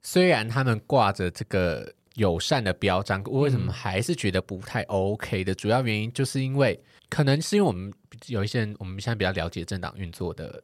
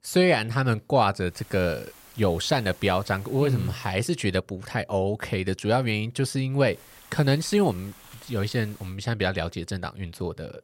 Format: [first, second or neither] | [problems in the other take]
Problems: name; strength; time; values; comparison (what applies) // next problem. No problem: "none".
first | hiss; faint; from 1.5 to 4 s and from 6.5 to 9 s; 25 dB below the speech